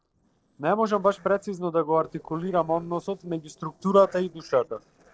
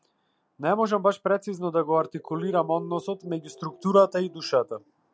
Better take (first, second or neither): second